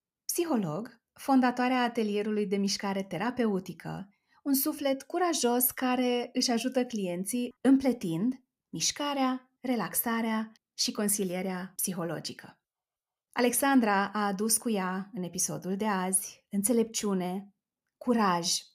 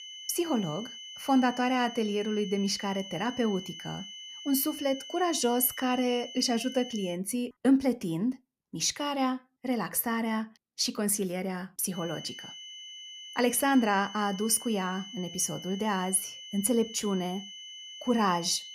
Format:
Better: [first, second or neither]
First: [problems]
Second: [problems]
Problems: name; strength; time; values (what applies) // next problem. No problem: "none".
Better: first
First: none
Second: high-pitched whine; noticeable; until 7 s and from 12 s on; 3 kHz, 10 dB below the speech